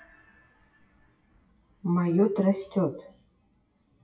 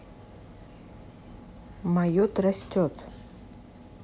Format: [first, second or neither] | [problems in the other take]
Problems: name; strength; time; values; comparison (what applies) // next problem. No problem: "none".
second | noise reduction (classical method WPE with log-MMSE)